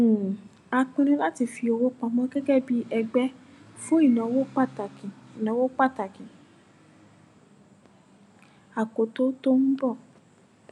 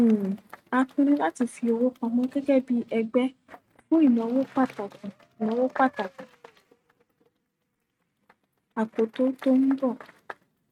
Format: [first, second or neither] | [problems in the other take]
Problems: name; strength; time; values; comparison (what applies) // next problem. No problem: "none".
first | noise reduction (neural mask model RNNoise)